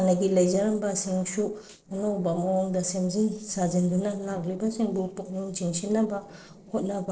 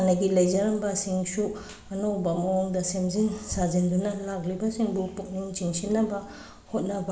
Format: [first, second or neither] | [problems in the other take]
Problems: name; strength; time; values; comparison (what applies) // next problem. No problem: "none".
second | noise reduction (neural separator model SepFormer DNS4)